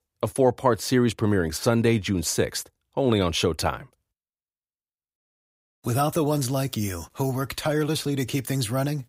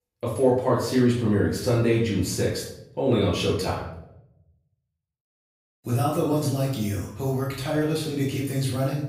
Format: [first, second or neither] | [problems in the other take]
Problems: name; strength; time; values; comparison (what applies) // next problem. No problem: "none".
first | off-mic speech; far // room echo; noticeable; dies away in 0.7 s